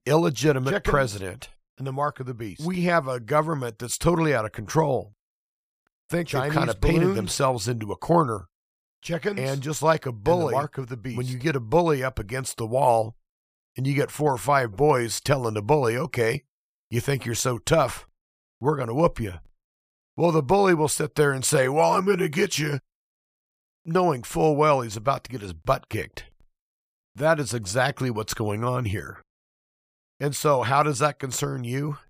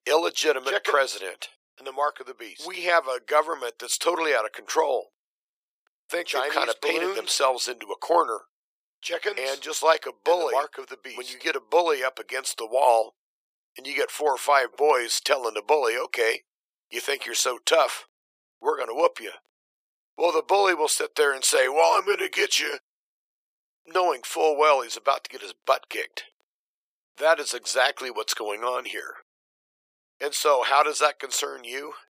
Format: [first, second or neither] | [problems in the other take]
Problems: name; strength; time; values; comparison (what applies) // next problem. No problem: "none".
first | thin; very; fading below 400 Hz